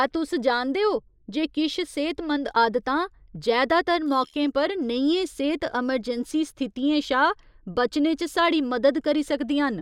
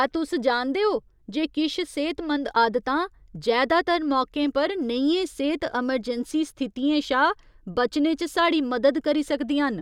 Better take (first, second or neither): second